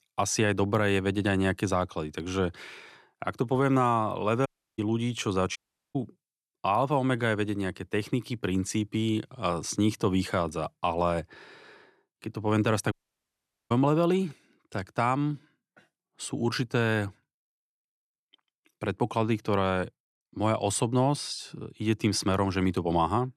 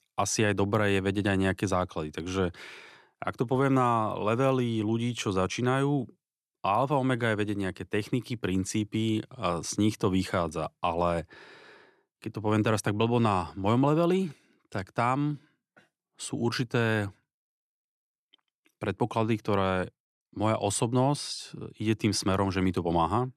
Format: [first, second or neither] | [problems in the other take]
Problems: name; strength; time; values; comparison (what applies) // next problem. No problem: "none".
second | audio cutting out; at 4.5 s, at 5.5 s and at 13 s for 1 s